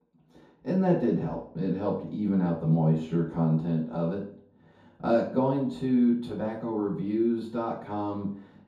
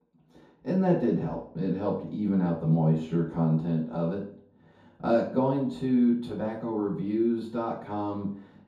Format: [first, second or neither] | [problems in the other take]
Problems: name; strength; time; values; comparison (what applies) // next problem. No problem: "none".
neither | room echo; noticeable; dies away in 0.6 s; the same in both // off-mic speech; far; the same in both